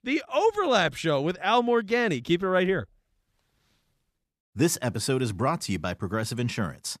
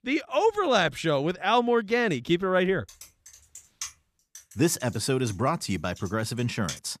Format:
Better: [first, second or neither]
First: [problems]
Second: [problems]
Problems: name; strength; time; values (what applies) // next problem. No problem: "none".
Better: first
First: none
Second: keyboard typing; faint; from 3 s on; peak 10 dB below the speech